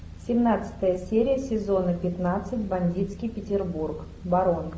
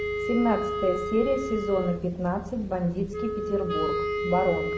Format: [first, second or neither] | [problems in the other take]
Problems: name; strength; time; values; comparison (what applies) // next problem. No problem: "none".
first | background sound (Wind instrument, woodwind instrument); 3 dB below the speech